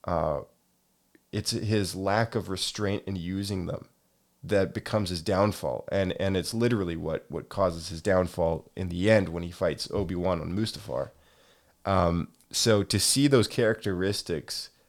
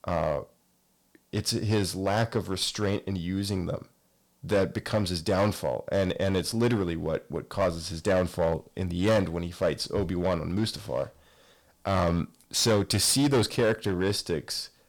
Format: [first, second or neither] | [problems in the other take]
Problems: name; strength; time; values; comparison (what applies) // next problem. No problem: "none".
first | distortion; slight; 5% of the sound clipped